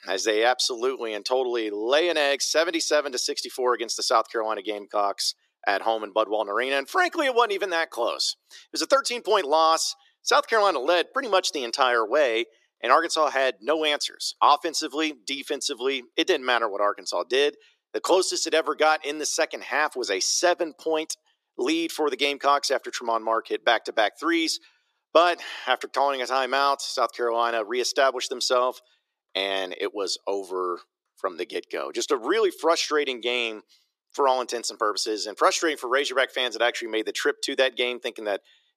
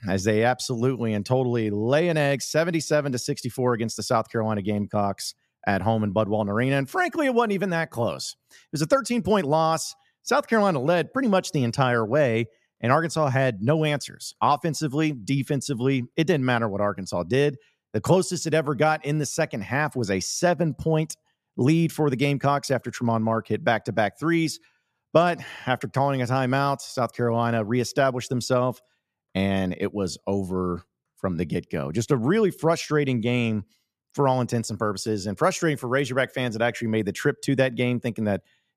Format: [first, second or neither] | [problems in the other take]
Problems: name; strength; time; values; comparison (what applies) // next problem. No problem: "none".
second | thin; very; fading below 350 Hz